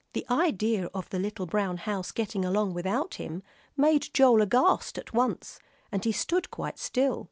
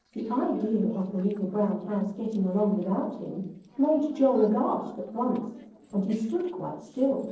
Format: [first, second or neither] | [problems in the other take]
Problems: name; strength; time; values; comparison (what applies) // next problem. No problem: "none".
first | noise reduction (neural separator model SepFormer DNS4)